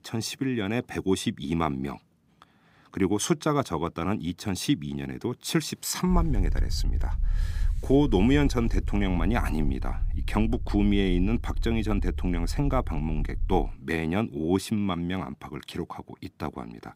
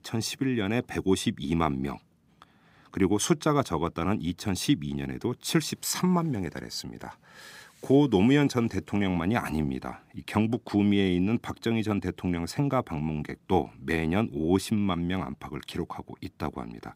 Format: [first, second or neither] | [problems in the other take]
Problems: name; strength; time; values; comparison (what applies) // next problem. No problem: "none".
second | low rumble; faint; from 6 to 14 s; 20 dB below the speech